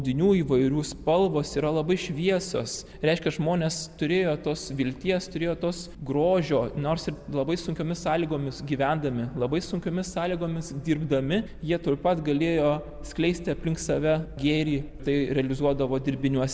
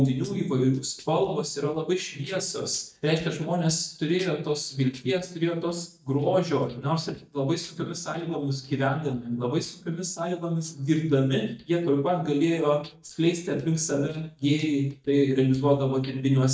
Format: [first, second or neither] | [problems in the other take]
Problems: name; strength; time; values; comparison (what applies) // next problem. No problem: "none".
first | noise reduction (neural mask model DeepFilterNet 3)